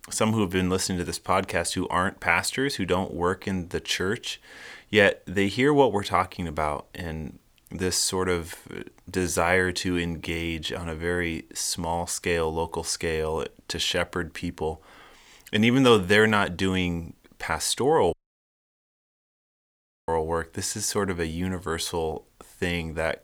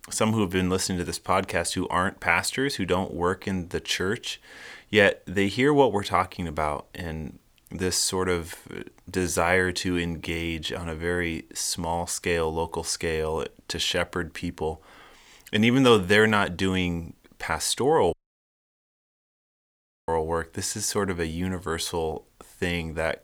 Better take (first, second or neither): neither